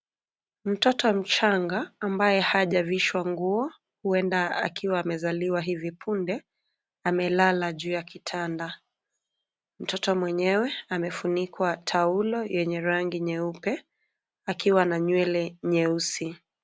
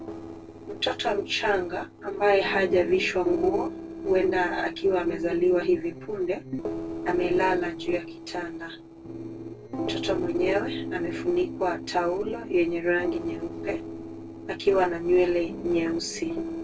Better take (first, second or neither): first